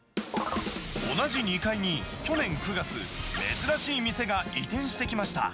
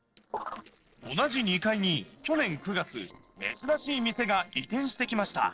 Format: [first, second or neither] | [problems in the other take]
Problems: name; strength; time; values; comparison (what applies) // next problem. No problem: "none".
first | noise reduction (neural separator model SepFormer DNS4)